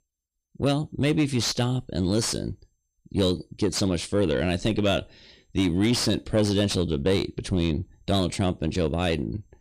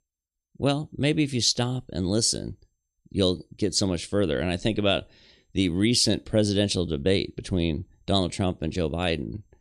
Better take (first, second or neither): second